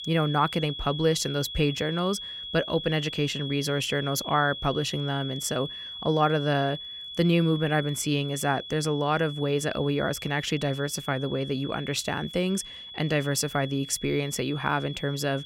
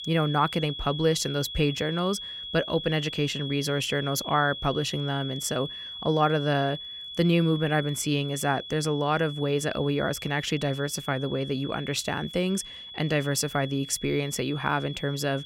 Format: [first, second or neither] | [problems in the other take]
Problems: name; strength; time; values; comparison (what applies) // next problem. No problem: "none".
neither | high-pitched whine; loud; throughout; 3.5 kHz, 9 dB below the speech; the same in both